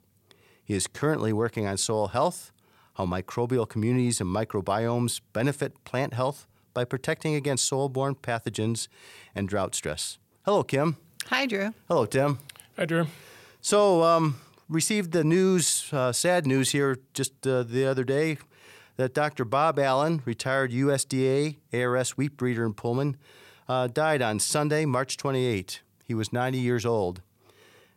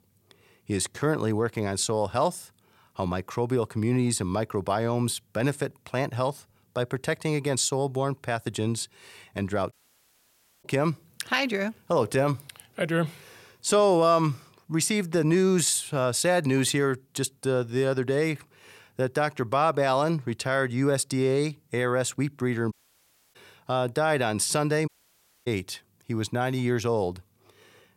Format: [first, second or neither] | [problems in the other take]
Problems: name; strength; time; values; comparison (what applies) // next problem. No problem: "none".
first | audio cutting out; at 9.5 s for 1 s, at 23 s for 0.5 s and at 25 s for 0.5 s